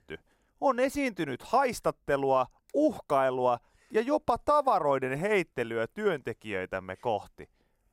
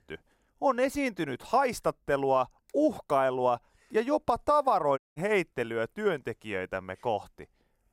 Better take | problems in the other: first | audio cutting out; at 5 s

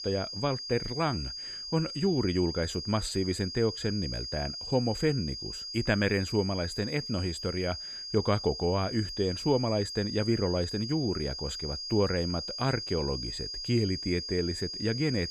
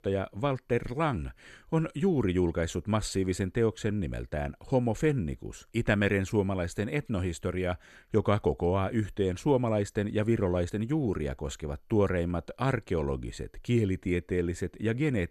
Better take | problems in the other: second | high-pitched whine; loud; throughout; 5 kHz, 6 dB below the speech

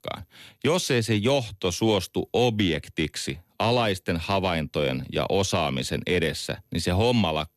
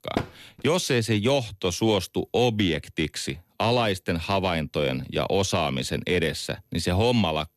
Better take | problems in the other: first | door banging; noticeable; at the start; peak 7 dB below the speech

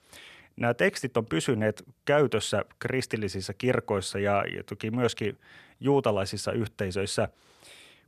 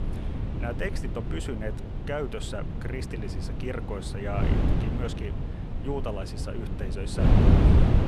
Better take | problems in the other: first | wind noise on the microphone; heavy; as loud as the speech

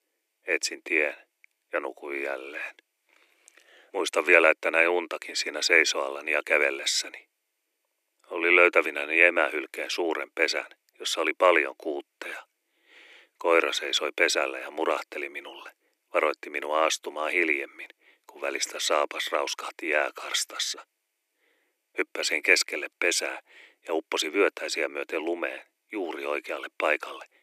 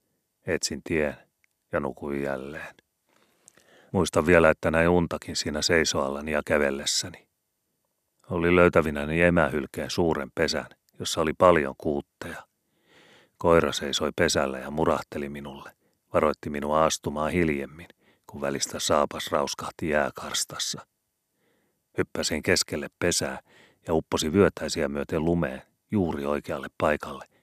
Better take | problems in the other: second | thin; very; fading below 300 Hz

